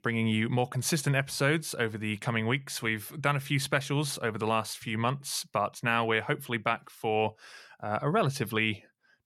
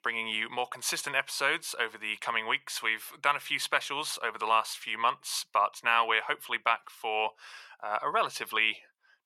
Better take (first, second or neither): first